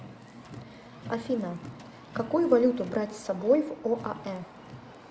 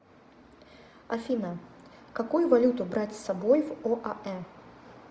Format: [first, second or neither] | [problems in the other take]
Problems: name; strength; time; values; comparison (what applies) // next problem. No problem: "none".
second | background sound (Car); 17 dB below the speech